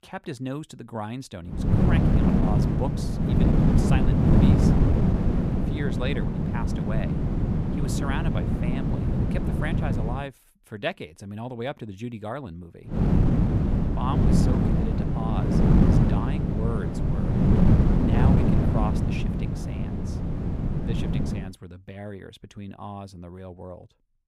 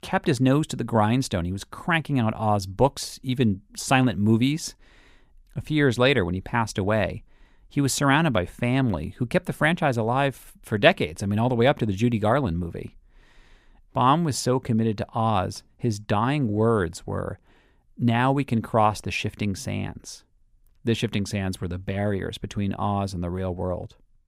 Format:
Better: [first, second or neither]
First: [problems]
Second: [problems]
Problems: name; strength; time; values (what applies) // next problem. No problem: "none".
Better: second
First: wind noise on the microphone; heavy; from 1.5 to 10 s and from 13 to 21 s; 5 dB above the speech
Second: none